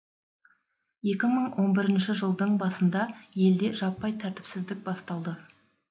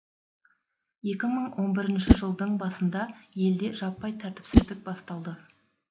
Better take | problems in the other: first | background sound (Whoosh, swoosh, swish); 2 dB above the speech

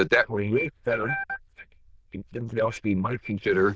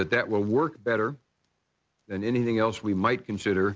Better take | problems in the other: second | noise reduction (neural diffusion model UNIVERSE++)

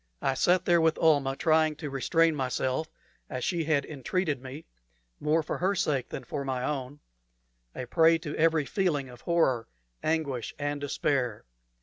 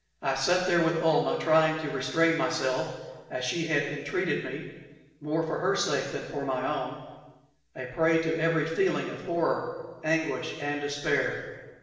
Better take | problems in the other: first | room echo; dies away in 1.2 s

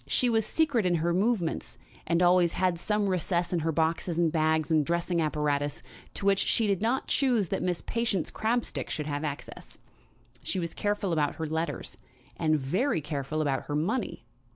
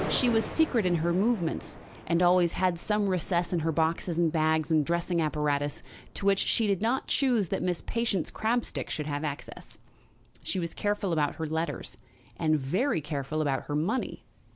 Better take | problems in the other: first | background sound (Thunder); 17 dB below the speech

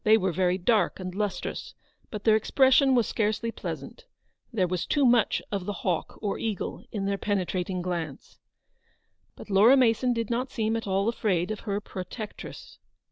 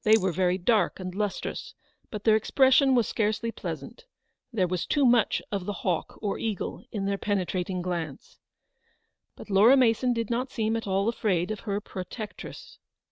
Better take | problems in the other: first | noise reduction (neural mask model RNNoise)

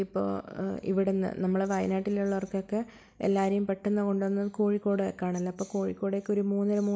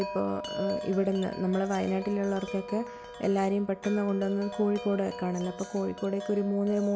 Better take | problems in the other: first | background sound (Wind chime); 10 dB below the speech

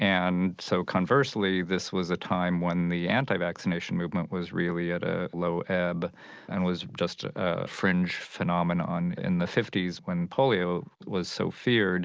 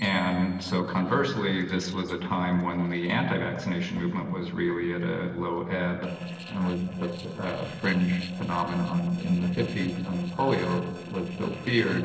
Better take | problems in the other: first | noise reduction (neural separator model SepFormer DNS4)

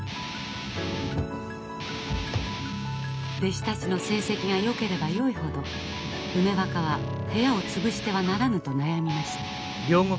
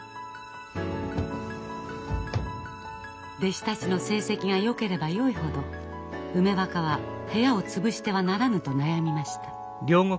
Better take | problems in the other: second | background sound (Guitar); 6 dB below the speech

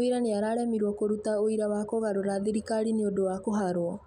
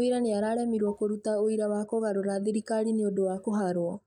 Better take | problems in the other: first | noise reduction (neural mask model DeepFilterNet 3)

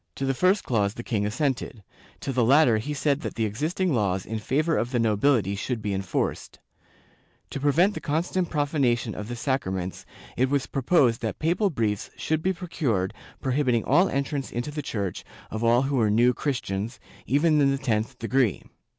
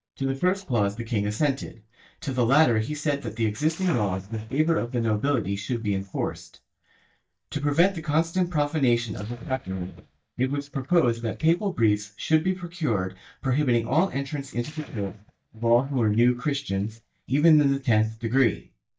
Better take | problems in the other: first | noise reduction (neural mask model DeepFilterNet 3)

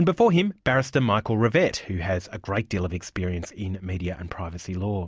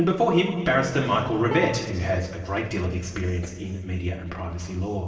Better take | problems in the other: first | noise reduction (neural separator model SepFormer DNS4)

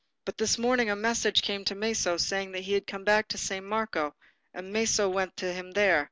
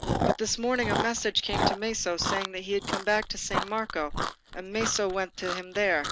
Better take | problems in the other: first | background sound (Chewing, mastication); 3 dB below the speech

